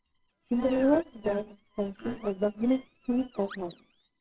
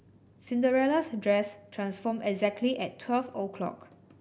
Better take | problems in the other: second | noise reduction (neural separator model SepFormer WHAMR!)

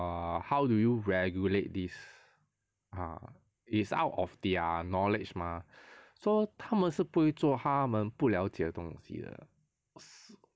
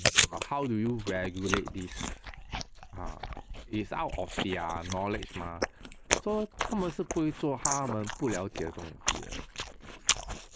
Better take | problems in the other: first | noise reduction (neural mask model Resemble Enhance denoiser)

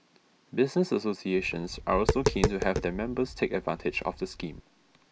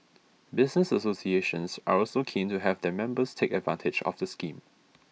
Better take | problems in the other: second | background sound (Tap); 3 dB below the speech

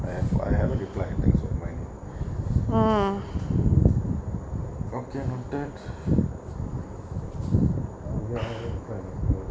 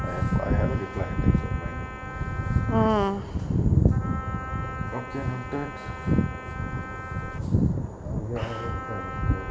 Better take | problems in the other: first | background sound (Wind instrument, woodwind instrument); 13 dB below the speech

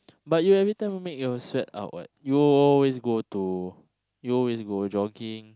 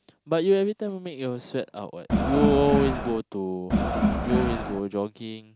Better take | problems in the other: first | background sound (Crowd); 2 dB above the speech

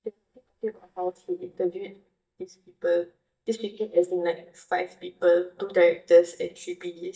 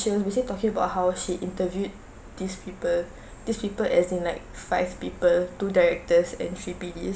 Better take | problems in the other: second | noise reduction (neural mask model DeepFilterNet 3)

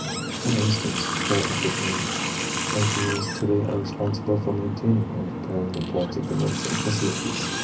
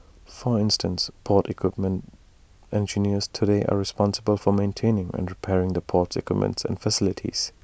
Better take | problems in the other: second | background sound (Water tap, faucet); 2 dB below the speech // room echo; dies away in 0.4 s

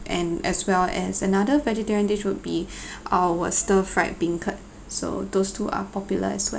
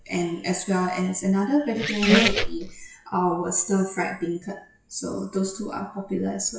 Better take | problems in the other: first | noise reduction (classical method WPE with log-MMSE)

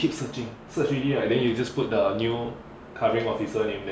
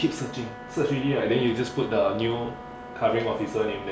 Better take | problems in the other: first | background sound (Wind instrument, woodwind instrument); 15 dB below the speech

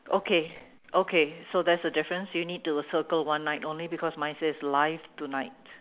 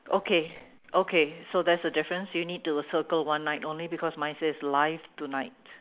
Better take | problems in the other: first | noise reduction (neural mask model Resemble Enhance denoiser)

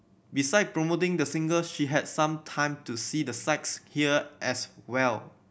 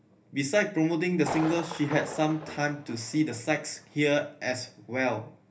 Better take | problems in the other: first | background sound (Thunder); 13 dB below the speech // room echo; dies away in 0.3 s

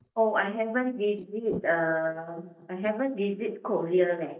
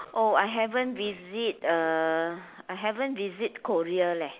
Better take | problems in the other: second | noise reduction (neural mask model DeepFilterNet 3)

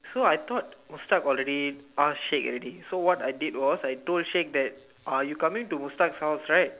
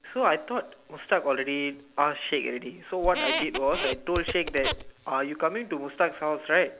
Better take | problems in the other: first | background sound (Squeak); 4 dB below the speech

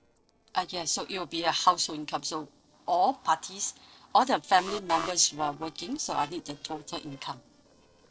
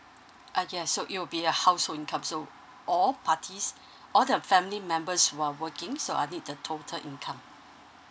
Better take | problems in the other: second | noise reduction (neural separator model SepFormer DNS4)

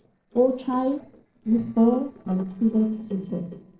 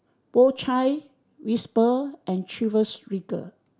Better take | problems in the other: second | noise reduction (neural separator model SepFormer DNS4)

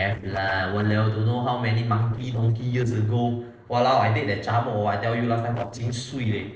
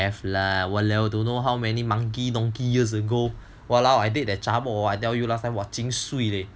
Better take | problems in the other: second | noise reduction (neural separator model SepFormer DNS4)

